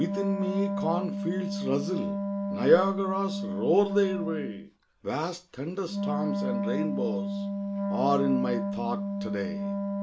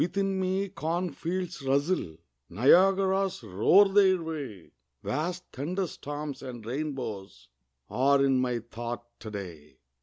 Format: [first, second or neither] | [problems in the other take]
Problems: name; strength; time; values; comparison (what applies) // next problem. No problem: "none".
second | background sound (Wind instrument, woodwind instrument); 1 dB below the speech // room echo; dies away in 0.3 s